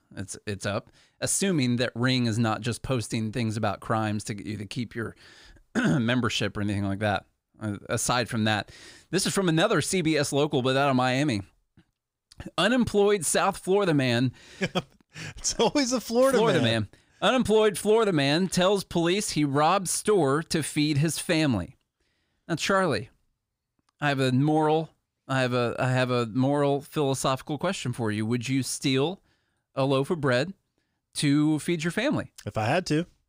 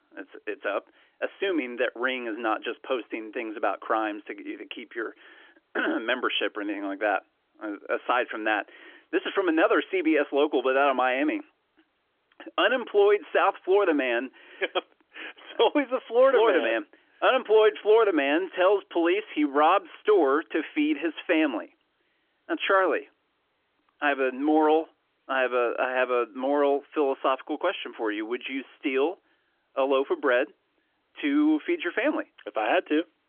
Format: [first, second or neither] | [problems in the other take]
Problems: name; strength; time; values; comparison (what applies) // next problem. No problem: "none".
first | phone-call audio; nothing above 3.5 kHz